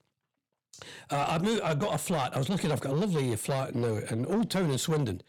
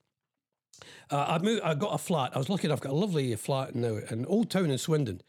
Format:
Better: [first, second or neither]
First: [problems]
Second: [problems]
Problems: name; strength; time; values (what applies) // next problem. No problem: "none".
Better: second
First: distortion; slight; 10 dB below the speech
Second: none